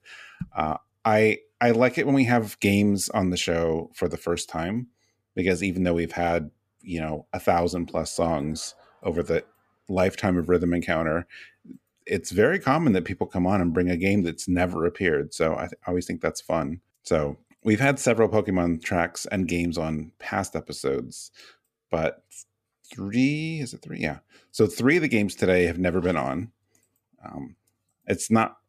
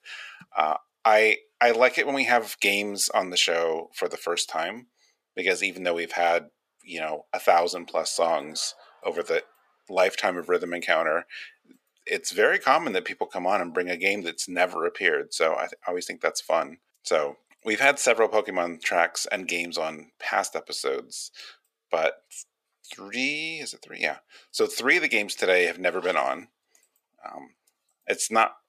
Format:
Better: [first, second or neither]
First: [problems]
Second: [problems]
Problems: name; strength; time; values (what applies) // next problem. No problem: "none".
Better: first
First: none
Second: thin; very; fading below 650 Hz